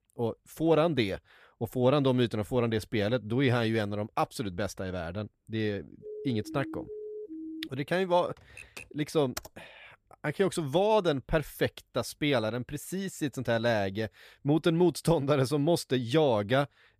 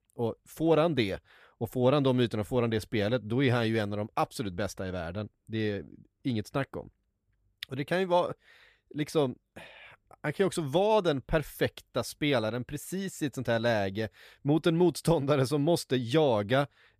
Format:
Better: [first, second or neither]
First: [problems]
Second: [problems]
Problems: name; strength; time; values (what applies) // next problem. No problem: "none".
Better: second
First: siren; faint; from 6 to 7.5 s; peak 10 dB below the speech // keyboard typing; faint; at 8.5 s and at 9.5 s; peak 15 dB below the speech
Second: none